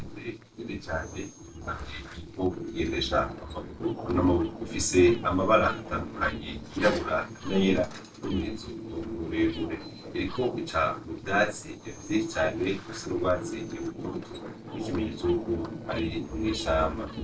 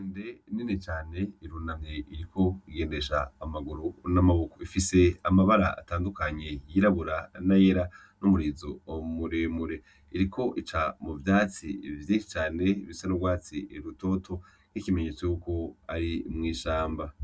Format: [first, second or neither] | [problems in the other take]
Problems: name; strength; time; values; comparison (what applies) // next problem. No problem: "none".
second | noise reduction (neural separator model SepFormer DNS4)